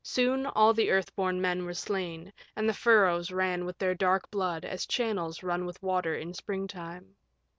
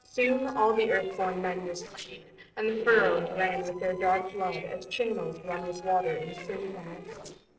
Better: first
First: none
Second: noise reduction (neural separator model SepFormer DNS4)

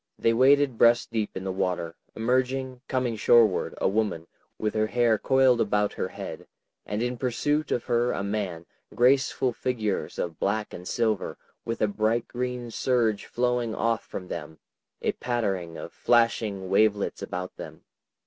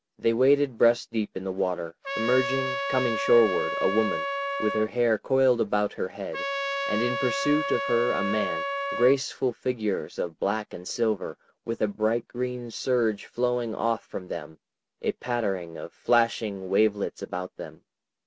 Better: first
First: none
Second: background sound (Trumpet); 4 dB below the speech

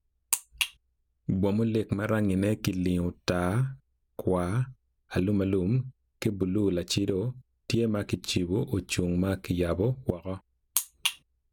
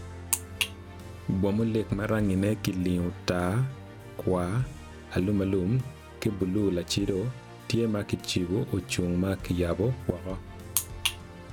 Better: first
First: none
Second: background sound (Musical instrument); 13 dB below the speech

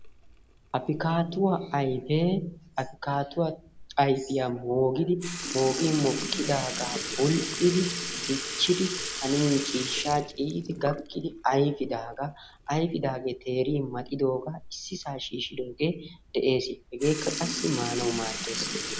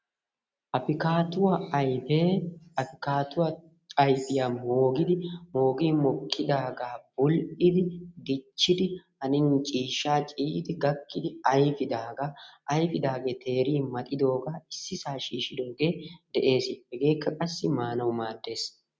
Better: second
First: background sound (Sink (filling or washing) / Liquid); 9 dB below the speech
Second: none

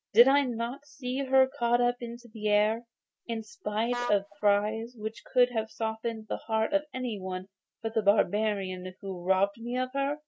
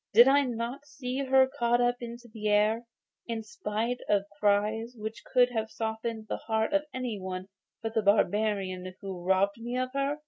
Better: second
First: background sound (Vehicle horn, car horn, honking); 12 dB below the speech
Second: none

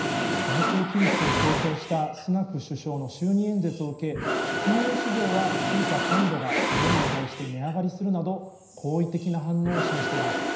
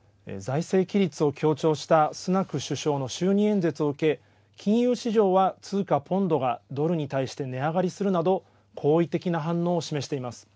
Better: second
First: background sound (Mechanisms); 1 dB below the speech // room echo; dies away in 0.9 s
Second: none

